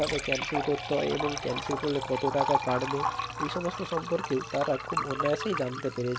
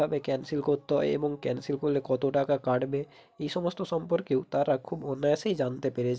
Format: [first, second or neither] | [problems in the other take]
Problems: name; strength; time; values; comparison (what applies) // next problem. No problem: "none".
second | background sound (Liquid); 3 dB below the speech